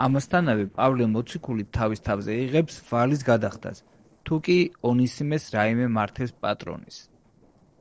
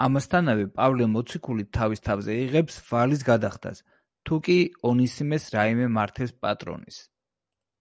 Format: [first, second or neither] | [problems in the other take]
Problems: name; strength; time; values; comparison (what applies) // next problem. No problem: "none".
second | noise reduction (neural separator model SepFormer DNS4)